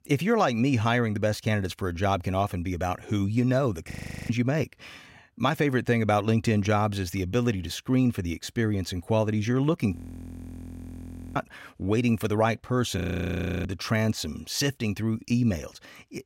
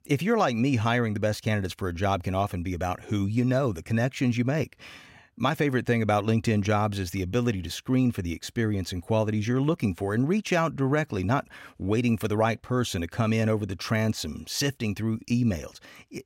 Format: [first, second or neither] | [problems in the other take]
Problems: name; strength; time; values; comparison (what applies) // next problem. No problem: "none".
second | audio freezing; at 4 s, at 10 s for 1.5 s and at 13 s for 0.5 s